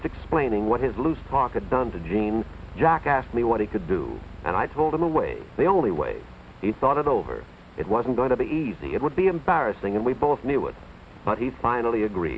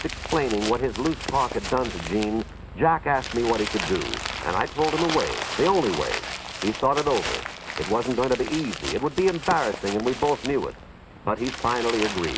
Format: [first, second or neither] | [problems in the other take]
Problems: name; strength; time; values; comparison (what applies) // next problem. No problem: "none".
first | background sound (Crumpling, crinkling); 8 dB below the speech